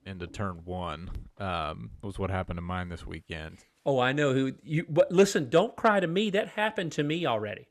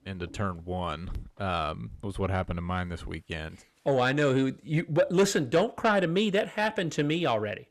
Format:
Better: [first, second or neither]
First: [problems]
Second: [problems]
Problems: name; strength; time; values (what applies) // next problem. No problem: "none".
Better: first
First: none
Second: distortion; slight; 10 dB below the speech